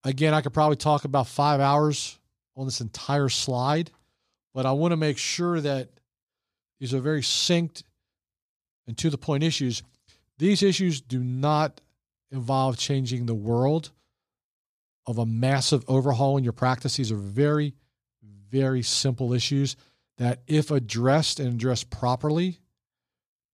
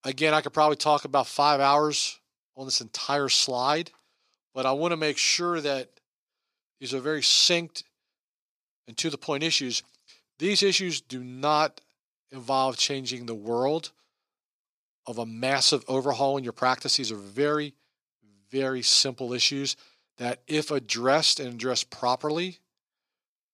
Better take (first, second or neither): first